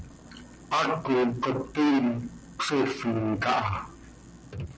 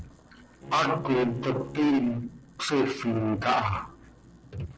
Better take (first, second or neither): first